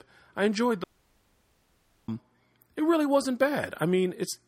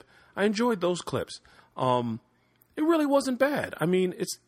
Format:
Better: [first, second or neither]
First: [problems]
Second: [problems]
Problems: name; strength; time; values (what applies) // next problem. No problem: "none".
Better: second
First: audio cutting out; at 1 s for 1 s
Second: none